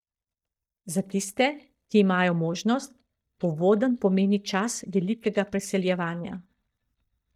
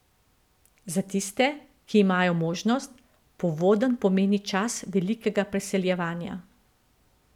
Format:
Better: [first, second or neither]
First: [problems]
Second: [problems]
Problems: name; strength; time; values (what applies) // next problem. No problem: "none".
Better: second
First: noise reduction (neural mask model DeepFilterNet 3)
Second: none